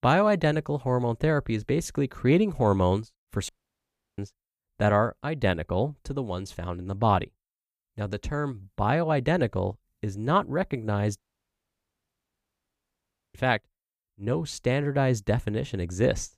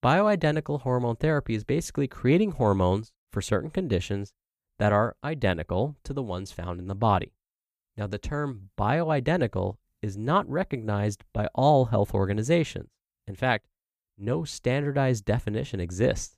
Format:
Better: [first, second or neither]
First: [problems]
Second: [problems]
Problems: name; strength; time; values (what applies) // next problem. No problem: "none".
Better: second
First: audio cutting out; at 3.5 s for 0.5 s and at 11 s for 2 s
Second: none